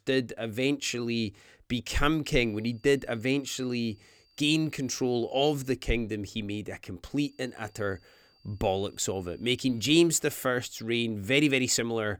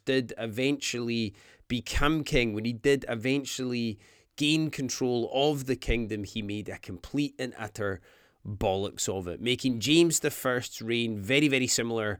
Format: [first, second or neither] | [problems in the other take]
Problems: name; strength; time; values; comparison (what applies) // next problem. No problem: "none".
second | high-pitched whine; faint; from 2.5 to 5.5 s and from 7 to 10 s; 4.5 kHz, 35 dB below the speech